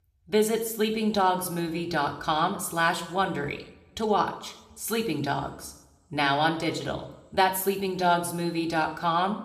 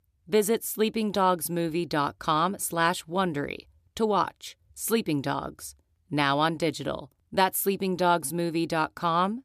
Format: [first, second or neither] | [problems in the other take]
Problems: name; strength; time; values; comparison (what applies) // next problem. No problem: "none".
second | room echo; slight; dies away in 0.7 s